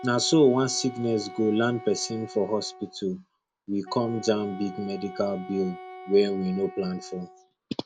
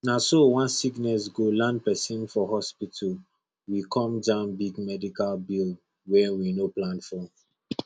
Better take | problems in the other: second | background sound (Wind instrument, woodwind instrument); 16 dB below the speech

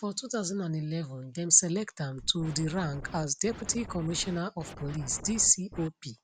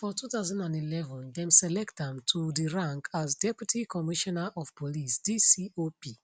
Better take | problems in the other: second | background sound (Scratching (performance technique)); 14 dB below the speech

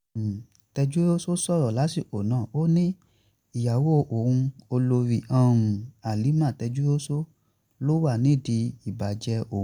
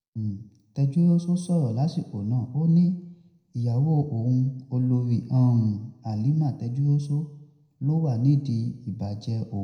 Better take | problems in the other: first | room echo; dies away in 0.7 s

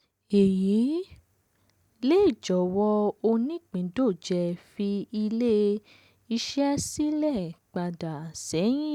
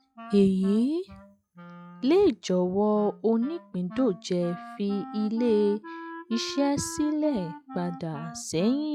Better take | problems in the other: first | noise reduction (classical method log-MMSE)

